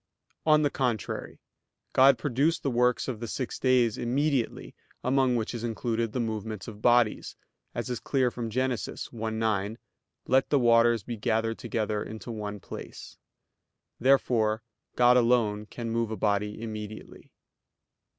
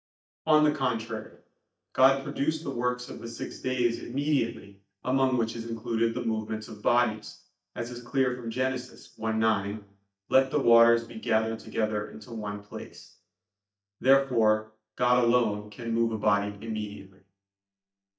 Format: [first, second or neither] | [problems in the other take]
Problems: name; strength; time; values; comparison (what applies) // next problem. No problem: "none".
first | noise reduction (neural mask model DeepFilterNet 3)